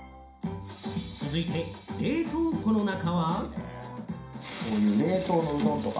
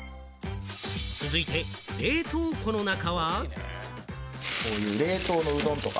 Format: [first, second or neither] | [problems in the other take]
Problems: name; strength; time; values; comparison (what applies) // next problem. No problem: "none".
second | room echo; dies away in 0.5 s